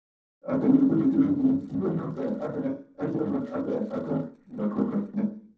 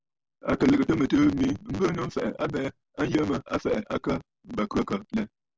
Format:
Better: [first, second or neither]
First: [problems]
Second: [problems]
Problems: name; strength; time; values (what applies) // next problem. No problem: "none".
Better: second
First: noise reduction (neural separator model SepFormer DNS4)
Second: none